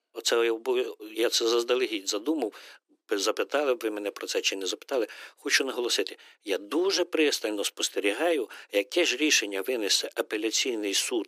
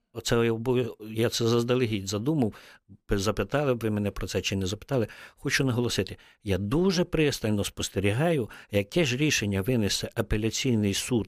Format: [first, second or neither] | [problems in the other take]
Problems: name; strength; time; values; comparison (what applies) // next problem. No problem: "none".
second | thin; very; fading below 300 Hz